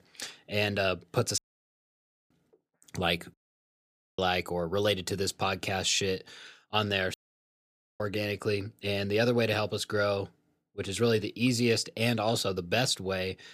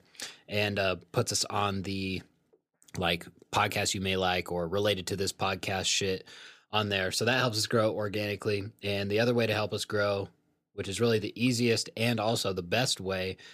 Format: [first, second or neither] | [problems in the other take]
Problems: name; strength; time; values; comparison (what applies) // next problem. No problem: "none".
second | audio cutting out; at 1.5 s for 1 s, at 3.5 s for 1 s and at 7 s for 1 s